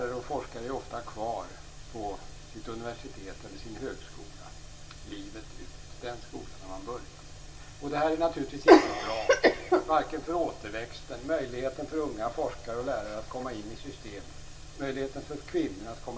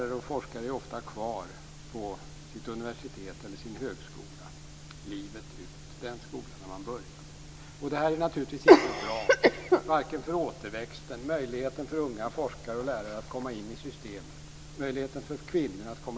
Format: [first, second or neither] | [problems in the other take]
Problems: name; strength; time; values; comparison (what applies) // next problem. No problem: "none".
second | room echo; dies away in 0.2 s